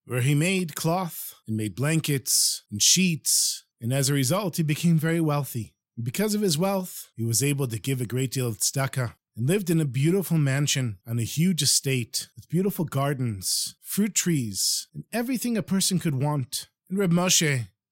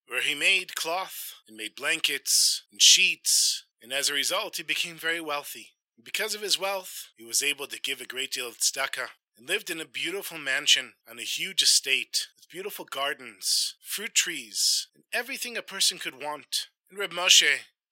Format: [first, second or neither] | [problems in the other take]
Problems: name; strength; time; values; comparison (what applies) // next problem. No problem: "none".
first | thin; very; fading below 450 Hz